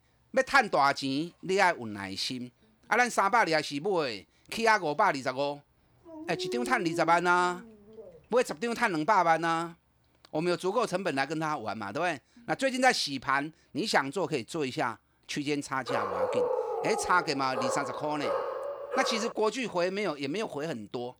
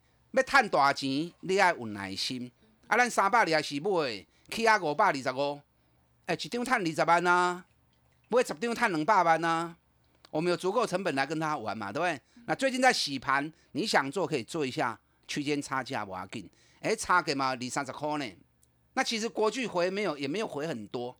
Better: second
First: dog barking; noticeable; from 6 to 8 s; peak 8 dB below the speech // dog barking; loud; from 16 to 19 s; peak level with the speech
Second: none

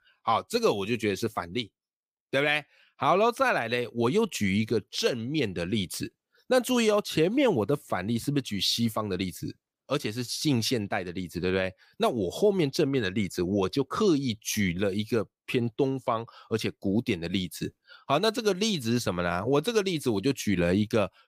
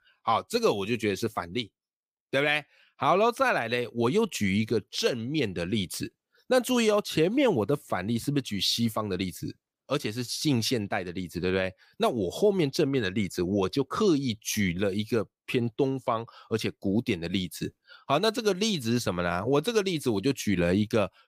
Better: neither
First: none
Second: none

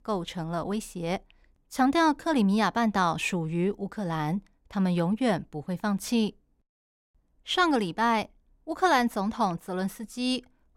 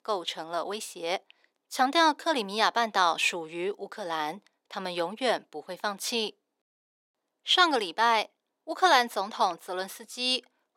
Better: first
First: none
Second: thin; somewhat; fading below 400 Hz

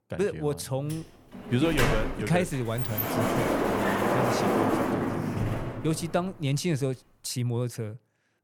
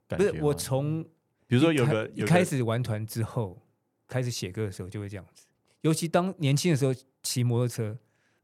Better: second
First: door banging; loud; from 1.5 to 6 s; peak 5 dB above the speech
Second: none

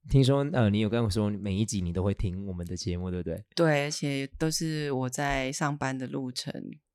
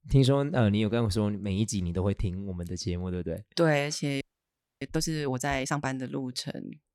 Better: first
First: none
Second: audio freezing; at 4 s for 0.5 s

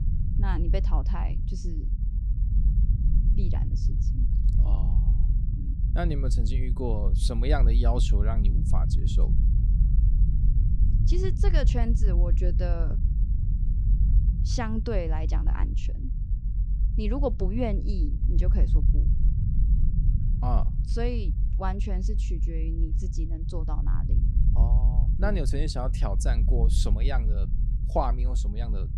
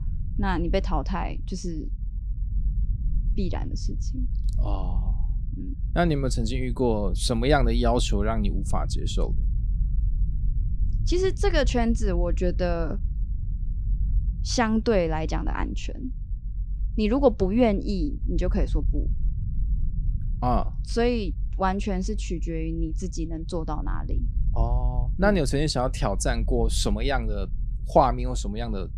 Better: second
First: low rumble; loud; throughout; 9 dB below the speech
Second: low rumble; faint; throughout; 20 dB below the speech

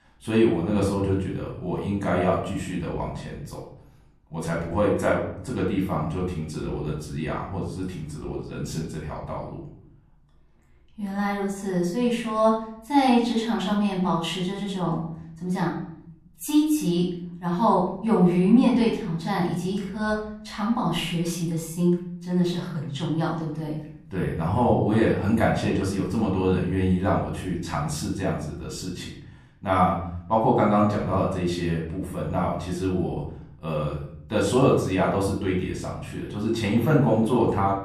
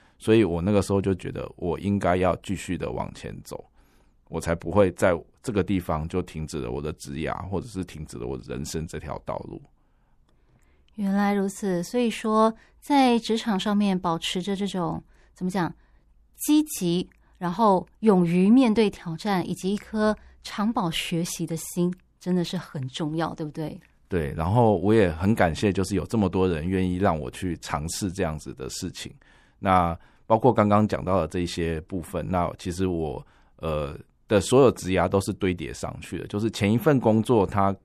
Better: second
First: room echo; noticeable; dies away in 0.7 s // off-mic speech; far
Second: none

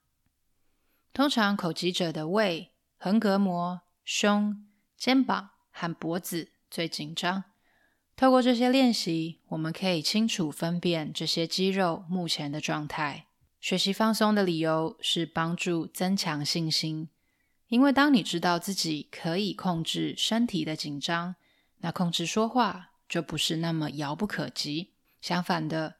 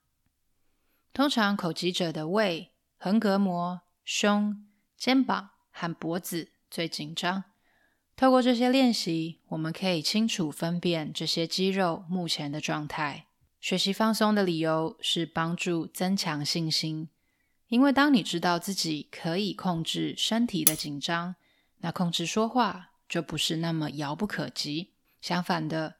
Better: first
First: none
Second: clattering dishes; very faint; at 21 s; peak 3 dB above the speech

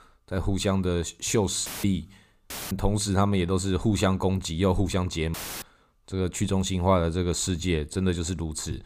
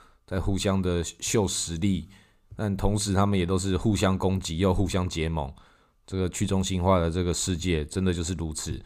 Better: second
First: audio cutting out; filled with static; at 1.5 s, at 2.5 s and at 5.5 s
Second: none

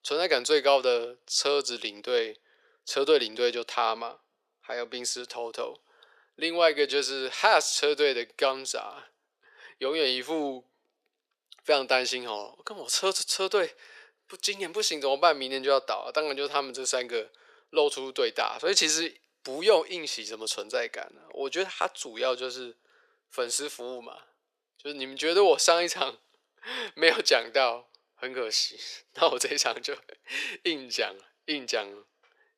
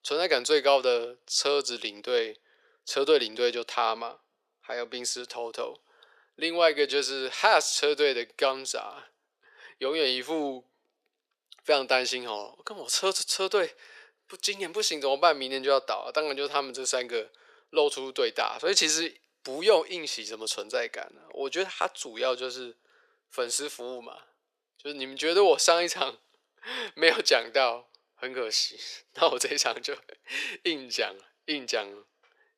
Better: neither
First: thin; very; fading below 450 Hz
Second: thin; very; fading below 450 Hz

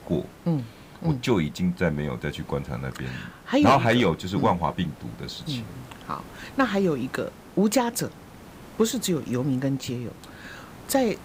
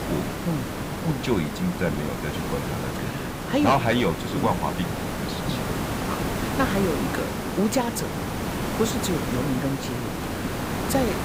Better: first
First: hiss; faint; throughout; 20 dB below the speech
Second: hiss; loud; throughout; 2 dB below the speech

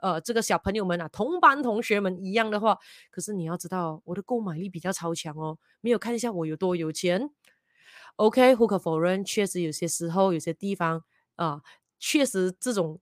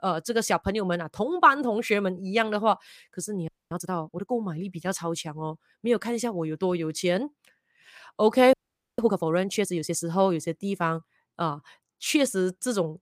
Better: first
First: none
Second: audio freezing; at 3.5 s and at 8.5 s

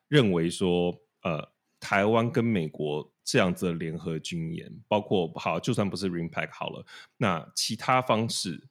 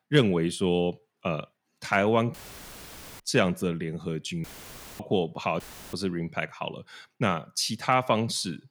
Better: first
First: none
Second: audio cutting out; filled with static; at 2.5 s for 1 s, at 4.5 s for 0.5 s and at 5.5 s

